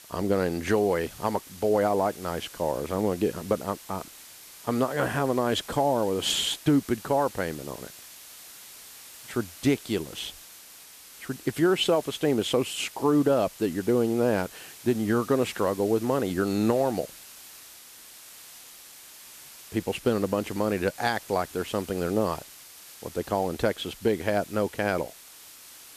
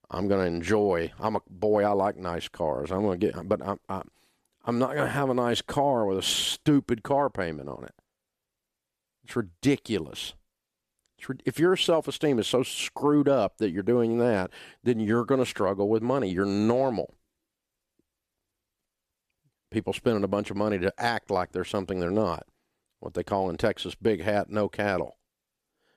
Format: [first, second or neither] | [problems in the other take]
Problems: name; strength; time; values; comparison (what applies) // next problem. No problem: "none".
second | hiss; noticeable; throughout; 15 dB below the speech